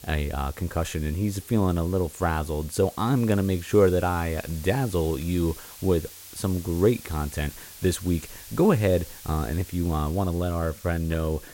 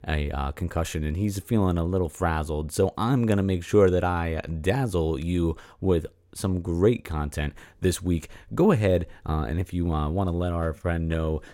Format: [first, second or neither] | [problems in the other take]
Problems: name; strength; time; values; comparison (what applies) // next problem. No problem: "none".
second | hiss; noticeable; throughout; 15 dB below the speech